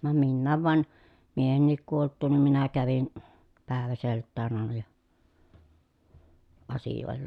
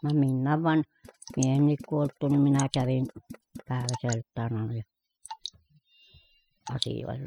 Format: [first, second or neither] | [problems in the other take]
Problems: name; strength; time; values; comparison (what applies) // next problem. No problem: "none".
first | noise reduction (classical method spectral subtraction)